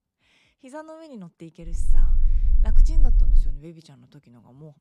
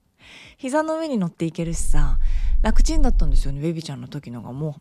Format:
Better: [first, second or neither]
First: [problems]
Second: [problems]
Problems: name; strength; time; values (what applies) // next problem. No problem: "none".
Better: second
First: low rumble; loud; from 1.5 to 3.5 s; 5 dB below the speech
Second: low rumble; faint; from 1.5 to 3.5 s; 25 dB below the speech